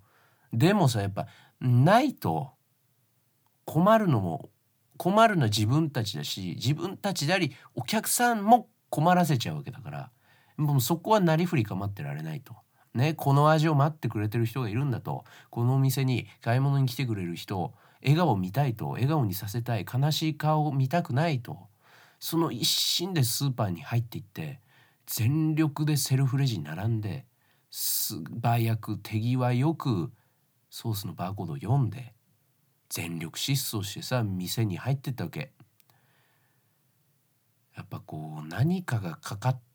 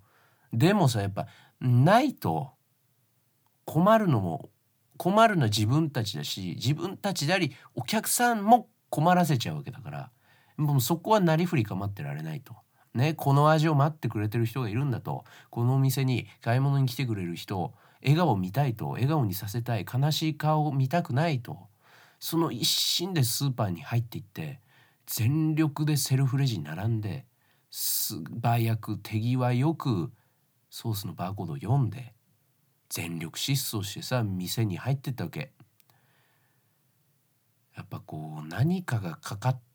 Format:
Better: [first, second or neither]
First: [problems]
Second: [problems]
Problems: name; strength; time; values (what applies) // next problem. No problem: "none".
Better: neither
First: none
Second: none